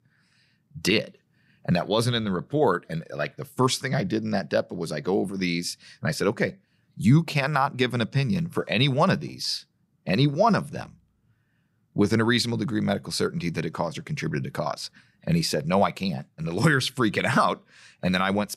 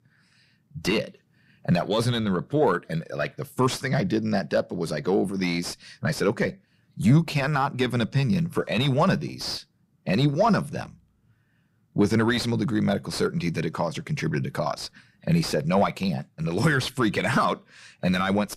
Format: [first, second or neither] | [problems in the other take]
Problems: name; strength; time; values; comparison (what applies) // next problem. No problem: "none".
first | distortion; slight; 10 dB below the speech